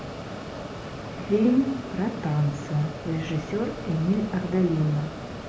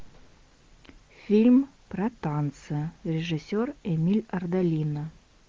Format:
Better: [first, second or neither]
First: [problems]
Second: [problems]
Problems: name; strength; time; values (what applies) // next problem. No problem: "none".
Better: second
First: background sound (Mechanisms); 9 dB below the speech // room echo; dies away in 0.7 s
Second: none